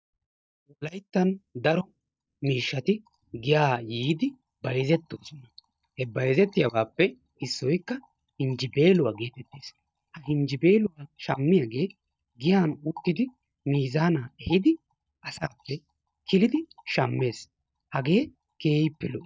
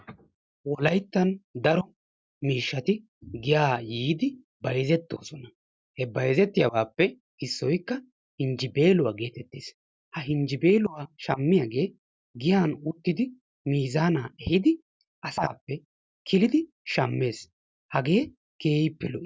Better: second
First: noise reduction (neural mask model DeepFilterNet 3)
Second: none

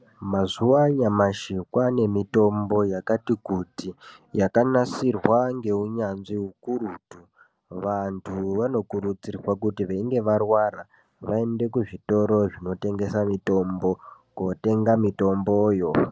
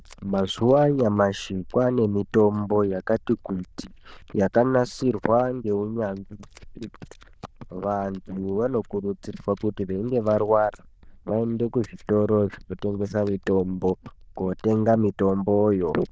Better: first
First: none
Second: noise reduction (neural diffusion model UNIVERSE++)

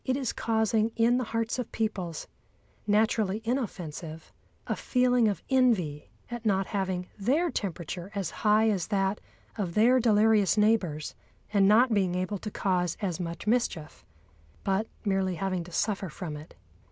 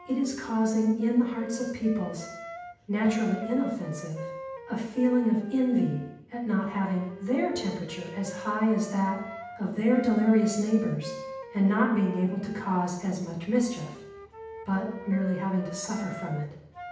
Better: first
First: none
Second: background sound (Wind instrument, woodwind instrument); 14 dB below the speech // room echo; dies away in 0.9 s

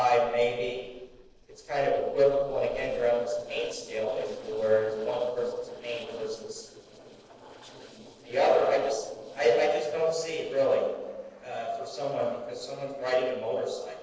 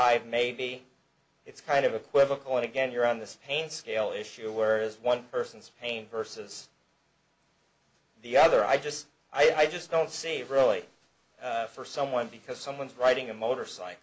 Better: second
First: noise reduction (neural separator model SepFormer DNS4)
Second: none

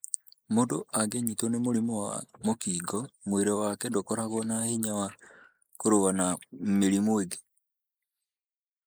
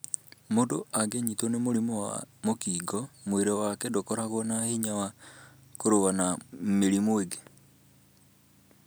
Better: second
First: noise reduction (neural mask model Resemble Enhance denoiser)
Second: none

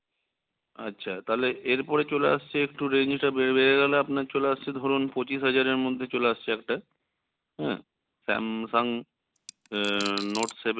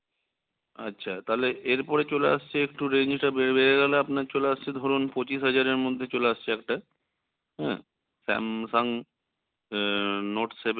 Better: second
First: background sound (Coin (dropping)); 13 dB below the speech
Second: none

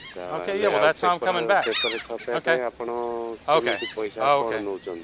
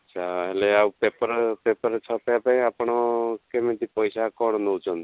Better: second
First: background sound (Gull, seagull); 4 dB above the speech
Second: none

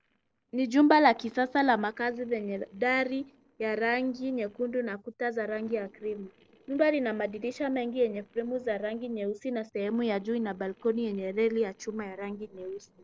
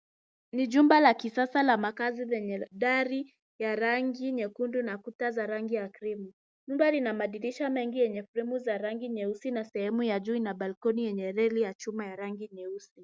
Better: second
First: noise reduction (neural separator model SepFormer DNS4)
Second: none

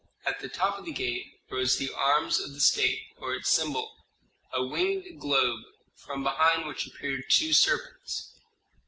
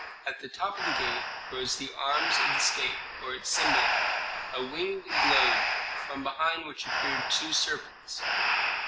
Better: first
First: none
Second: background sound (Breathing); 3 dB above the speech

